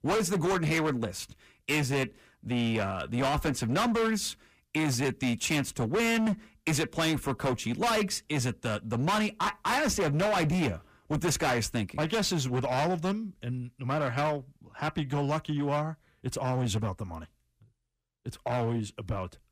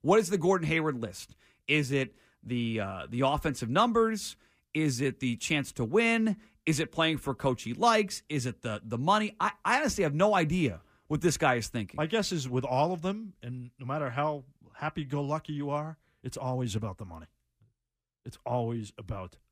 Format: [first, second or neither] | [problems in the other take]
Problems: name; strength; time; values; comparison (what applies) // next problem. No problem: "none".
second | distortion; heavy; 18% of the sound clipped